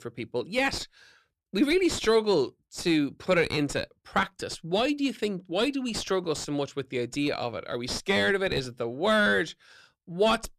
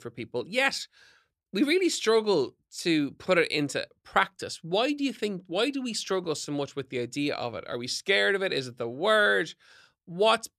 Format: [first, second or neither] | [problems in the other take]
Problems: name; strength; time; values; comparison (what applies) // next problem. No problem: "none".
second | distortion; slight; 9 dB below the speech